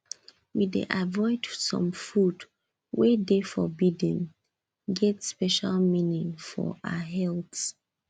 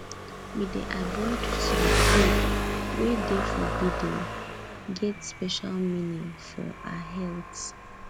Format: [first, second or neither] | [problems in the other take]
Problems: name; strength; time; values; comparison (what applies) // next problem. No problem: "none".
first | background sound (Engine); 3 dB above the speech